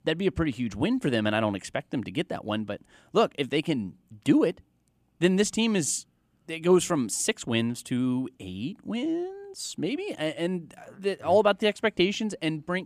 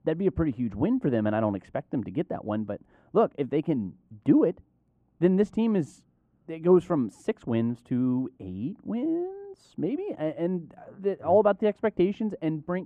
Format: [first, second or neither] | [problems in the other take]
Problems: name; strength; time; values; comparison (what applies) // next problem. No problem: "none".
first | muffled; very; fading above 2.5 kHz